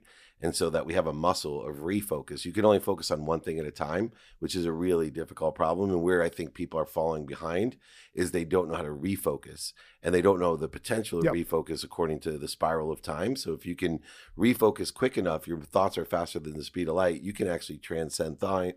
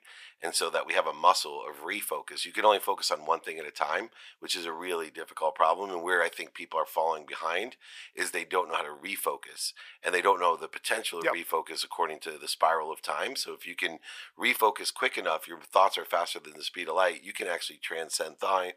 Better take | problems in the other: first | thin; very; fading below 800 Hz

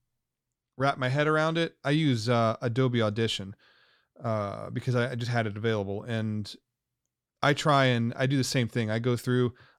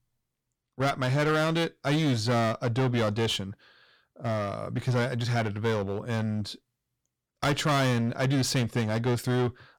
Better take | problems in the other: first | distortion; heavy; 14% of the sound clipped

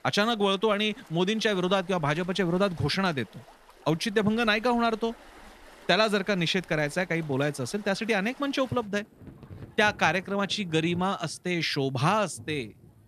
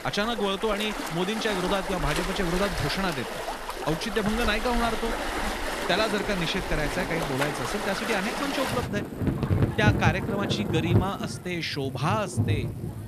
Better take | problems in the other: first | rain or running water; loud; throughout; 1 dB below the speech; faint in the first

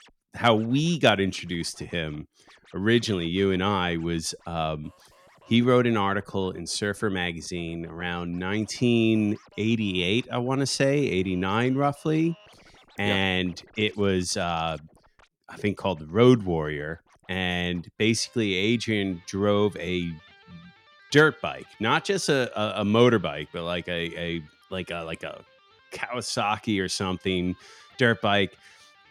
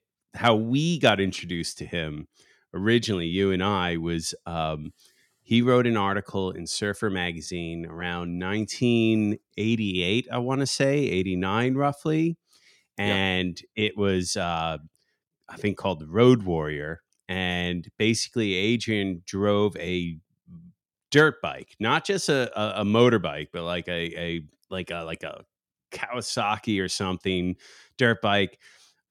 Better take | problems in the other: second | background music; faint; throughout; 30 dB below the speech

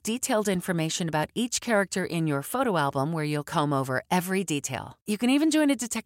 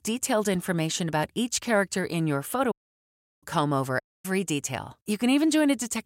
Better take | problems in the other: first | audio cutting out; at 2.5 s for 0.5 s and at 4 s

